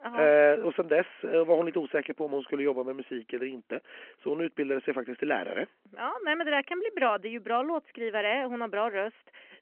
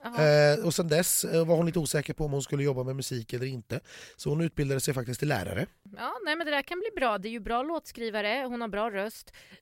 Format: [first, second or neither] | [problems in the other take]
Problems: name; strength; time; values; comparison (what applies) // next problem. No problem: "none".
second | phone-call audio